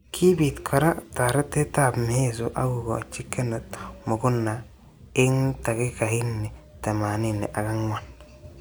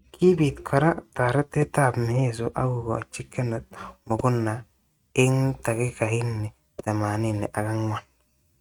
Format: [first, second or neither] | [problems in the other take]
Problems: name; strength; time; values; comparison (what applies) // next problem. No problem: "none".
first | noise reduction (neural mask model RNNoise)